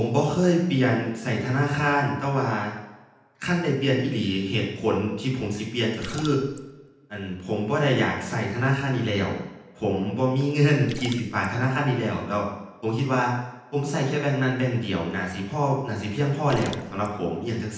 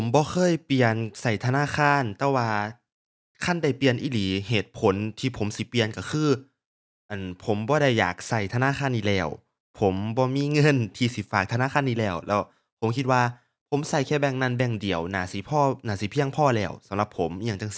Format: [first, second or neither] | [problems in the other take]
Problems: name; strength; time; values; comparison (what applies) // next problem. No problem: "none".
second | background sound (Splash, splatter); 17 dB below the speech // room echo; dies away in 0.9 s